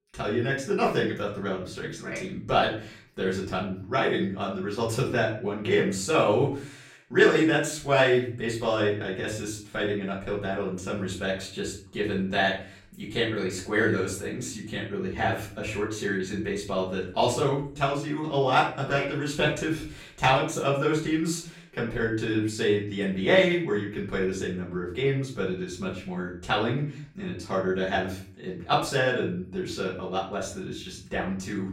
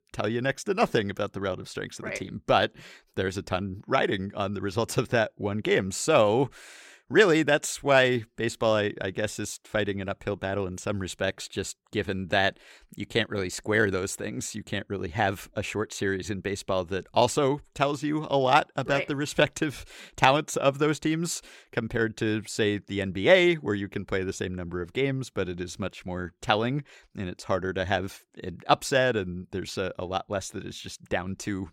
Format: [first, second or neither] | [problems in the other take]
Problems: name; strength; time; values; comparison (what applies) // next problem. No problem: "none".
second | off-mic speech; far // room echo; slight; dies away in 0.4 s